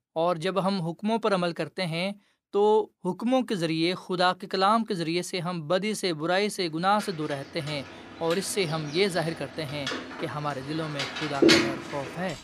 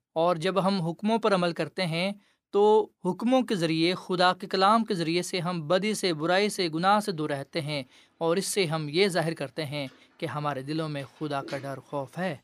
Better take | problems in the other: second | machinery noise; loud; from 7 s on; 2 dB below the speech; faint in the second

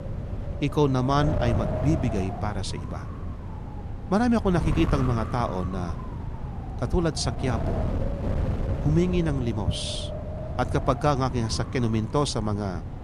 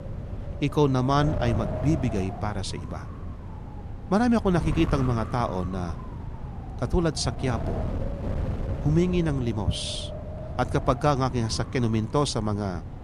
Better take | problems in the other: second | wind noise on the microphone; heavy; 8 dB below the speech; occasional gusts in the second

